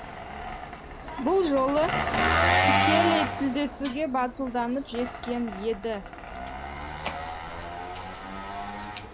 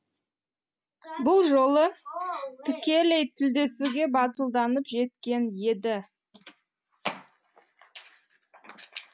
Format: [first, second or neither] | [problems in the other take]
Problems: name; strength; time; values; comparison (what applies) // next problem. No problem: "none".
second | background sound (Engine); 1 dB above the speech